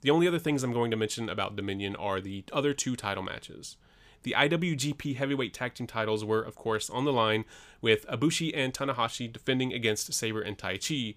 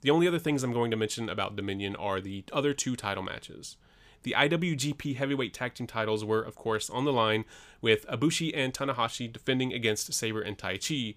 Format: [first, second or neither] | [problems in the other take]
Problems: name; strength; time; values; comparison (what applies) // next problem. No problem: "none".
neither | none